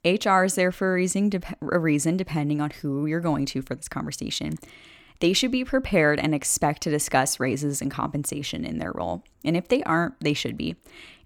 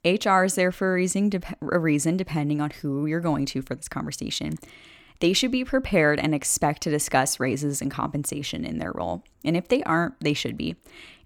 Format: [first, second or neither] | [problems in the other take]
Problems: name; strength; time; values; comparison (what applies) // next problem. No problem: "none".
neither | none